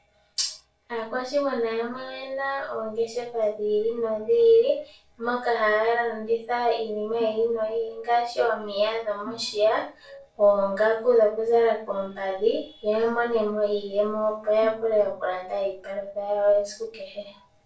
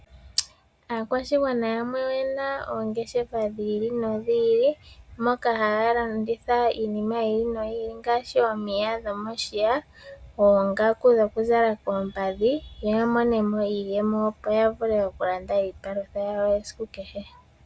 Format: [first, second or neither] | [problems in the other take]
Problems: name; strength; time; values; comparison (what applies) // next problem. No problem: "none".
second | noise reduction (neural separator model SepFormer DNS4)